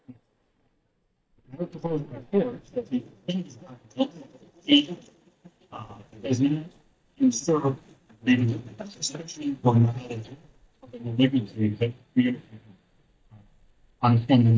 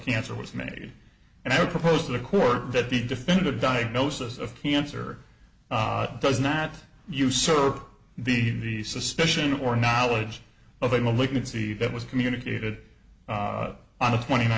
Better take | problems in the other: second | noise reduction (neural mask model DeepFilterNet 3)

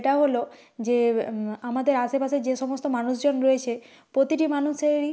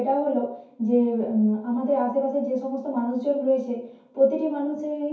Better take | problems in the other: first | room echo; dies away in 0.6 s

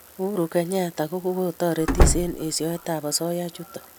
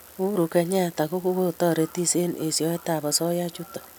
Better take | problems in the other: second | background sound (Slam); 3 dB above the speech

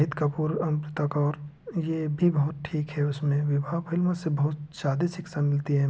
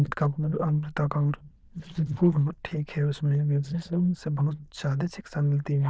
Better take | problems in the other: first | noise reduction (neural diffusion model UNIVERSE++)

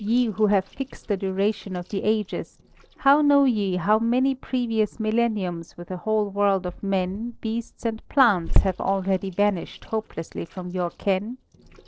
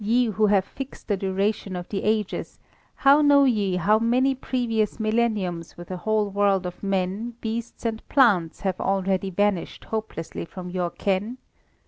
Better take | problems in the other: second | noise reduction (neural separator model SepFormer DNS4)

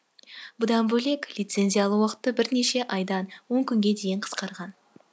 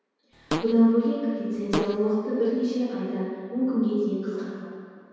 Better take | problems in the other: first | background sound (Fart); 6 dB below the speech // room echo; dies away in 2.2 s

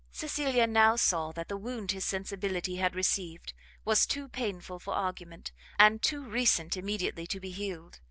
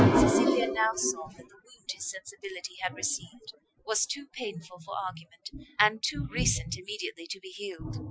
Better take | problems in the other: first | noise reduction (classical method Wiener filter)

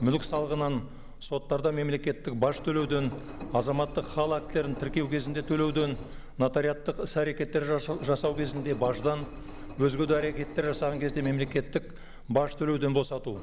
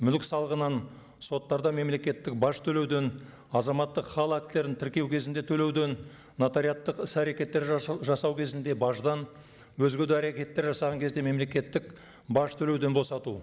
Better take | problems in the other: second | background sound (Engine); 12 dB below the speech

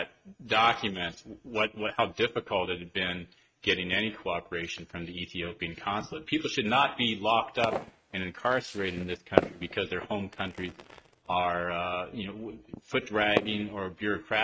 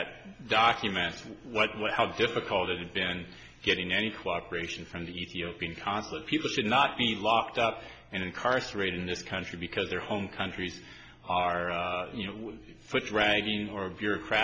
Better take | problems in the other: second | noise reduction (neural mask model RNNoise)

